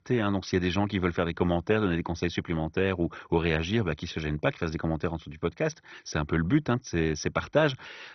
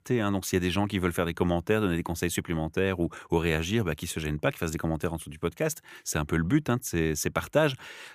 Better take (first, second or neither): second